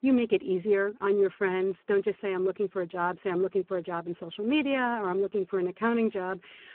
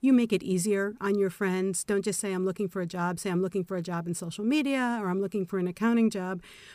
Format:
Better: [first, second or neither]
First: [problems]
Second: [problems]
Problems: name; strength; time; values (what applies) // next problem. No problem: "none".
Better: second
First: phone-call audio; poor line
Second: none